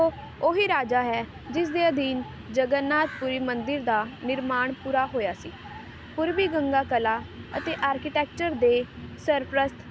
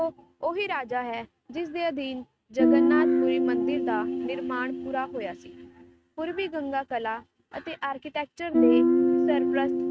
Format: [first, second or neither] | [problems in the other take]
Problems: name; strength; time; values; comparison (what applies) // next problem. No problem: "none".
first | noise reduction (neural mask model RNNoise)